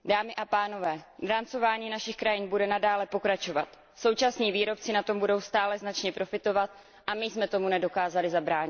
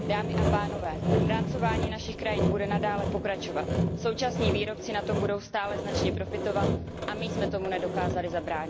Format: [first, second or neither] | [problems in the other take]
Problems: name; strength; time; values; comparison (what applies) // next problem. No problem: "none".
first | background sound (Sawing); 3 dB above the speech